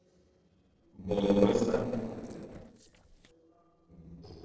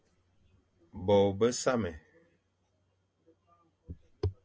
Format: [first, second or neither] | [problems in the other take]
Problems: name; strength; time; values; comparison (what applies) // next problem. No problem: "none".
second | noise reduction (neural separator model SepFormer DNS4)